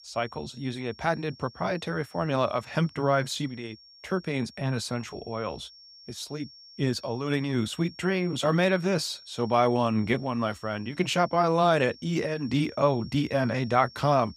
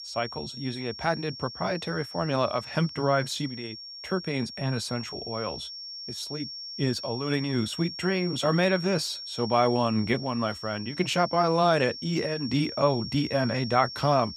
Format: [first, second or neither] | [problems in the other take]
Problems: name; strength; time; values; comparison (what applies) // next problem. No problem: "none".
first | high-pitched whine; loud; throughout; 5.5 kHz, 10 dB below the speech; faint in the first